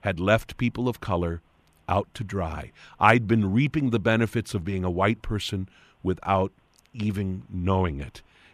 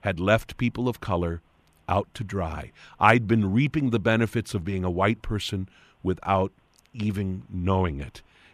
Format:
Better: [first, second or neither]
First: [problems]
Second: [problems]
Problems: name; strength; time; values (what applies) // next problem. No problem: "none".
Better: neither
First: none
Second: none